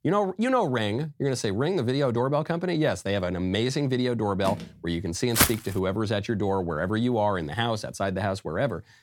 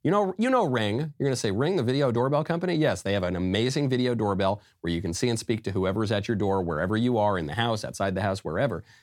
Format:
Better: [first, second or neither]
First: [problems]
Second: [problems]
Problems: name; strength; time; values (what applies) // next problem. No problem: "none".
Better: second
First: phone ringing; noticeable; at 4.5 s; peak 9 dB below the speech // footsteps; loud; at 5.5 s; peak 5 dB above the speech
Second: none